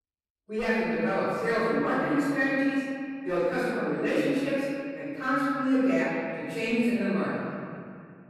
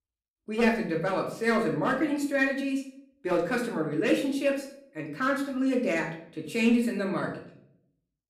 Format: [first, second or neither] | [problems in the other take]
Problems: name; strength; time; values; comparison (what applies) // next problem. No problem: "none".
second | room echo; strong; dies away in 2.4 s; slight in the second // off-mic speech; far; far in the second